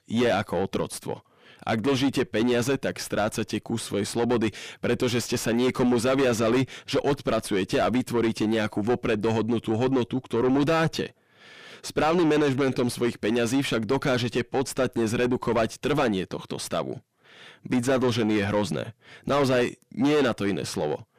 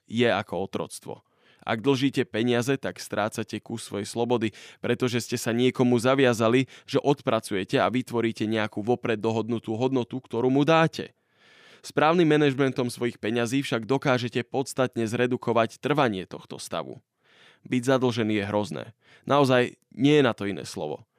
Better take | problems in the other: second | distortion; heavy; 5 dB below the speech

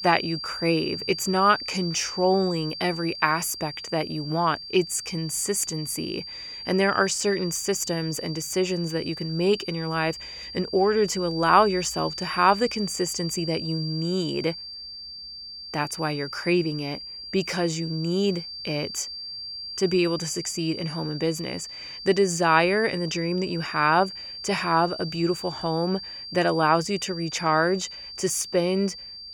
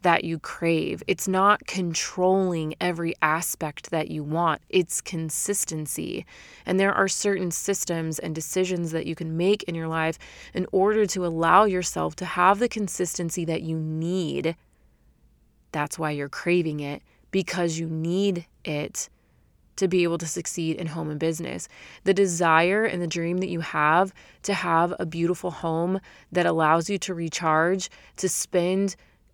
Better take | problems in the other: second | high-pitched whine; loud; throughout; 4.5 kHz, 9 dB below the speech

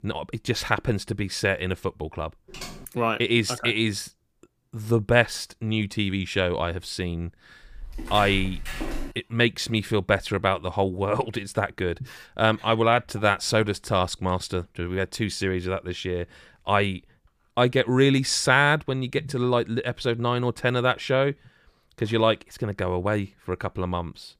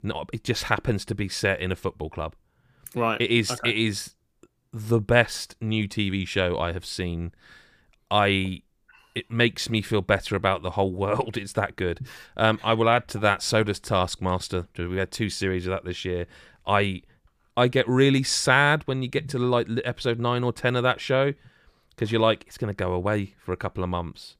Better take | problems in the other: second | keyboard typing; faint; at 2.5 s; peak 15 dB below the speech // footsteps; noticeable; from 7.5 to 9 s; peak 8 dB below the speech

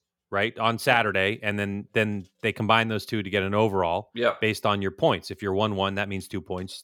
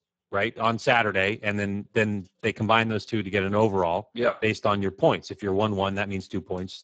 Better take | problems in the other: first | garbled, watery; badly; nothing above 7.5 kHz

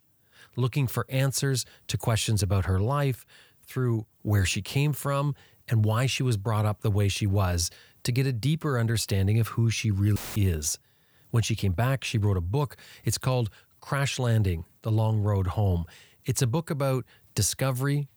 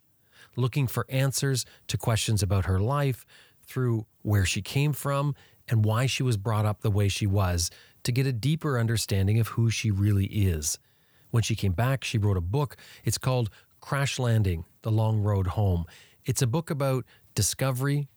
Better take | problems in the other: second | audio cutting out; filled with static; at 10 s

